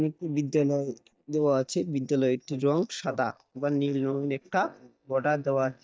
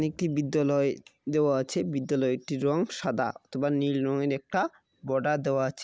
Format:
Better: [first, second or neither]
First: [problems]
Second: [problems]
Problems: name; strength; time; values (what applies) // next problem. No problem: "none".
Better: second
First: noise reduction (neural mask model DeepFilterNet 3)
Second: none